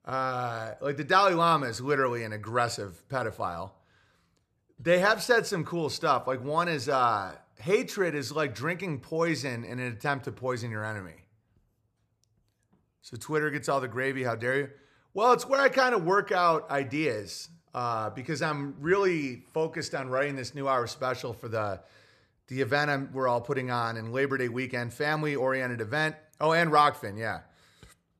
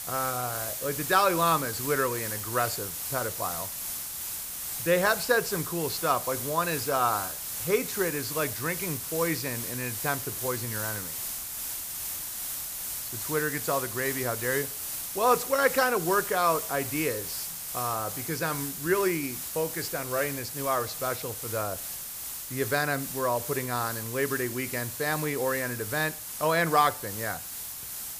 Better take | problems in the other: first | hiss; loud; throughout; 4 dB below the speech

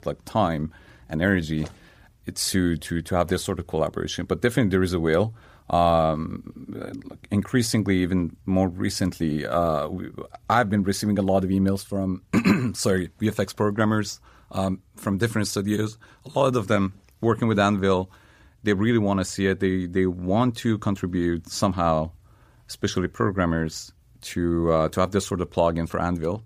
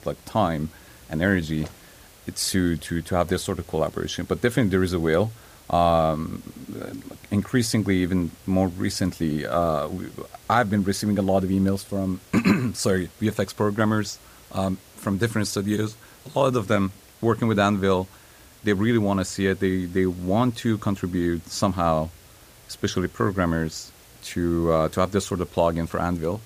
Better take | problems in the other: first | hiss; faint; throughout; 25 dB below the speech

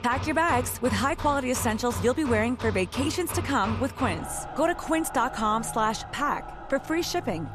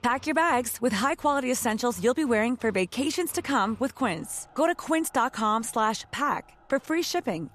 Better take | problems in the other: second | machinery noise; loud; throughout; 9 dB below the speech; faint in the second

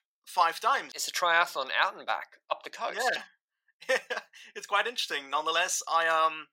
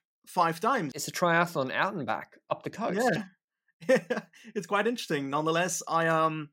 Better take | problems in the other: second | thin; very; fading below 850 Hz

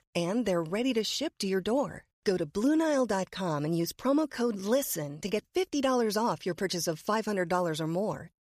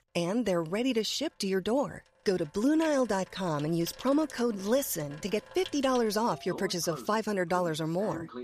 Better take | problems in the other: first | household noises; noticeable; throughout; 15 dB below the speech

